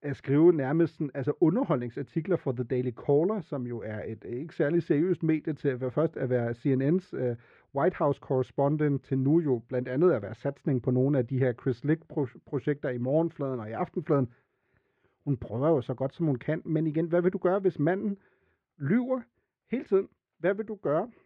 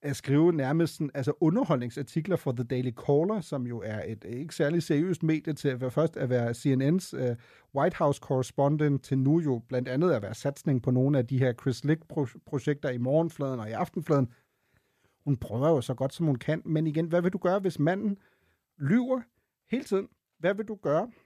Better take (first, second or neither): second